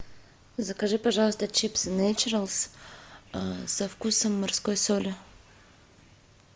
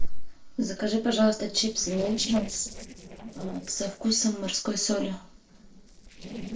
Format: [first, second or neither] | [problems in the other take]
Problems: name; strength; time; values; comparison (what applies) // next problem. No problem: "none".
first | noise reduction (neural separator model SepFormer DNS4)